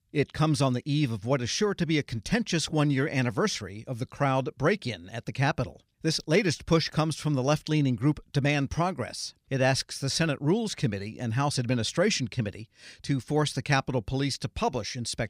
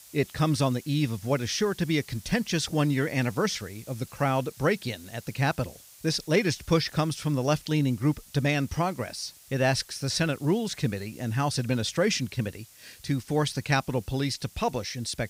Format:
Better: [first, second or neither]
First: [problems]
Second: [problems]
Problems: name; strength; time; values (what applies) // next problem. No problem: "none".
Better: first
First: none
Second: hiss; faint; throughout; 20 dB below the speech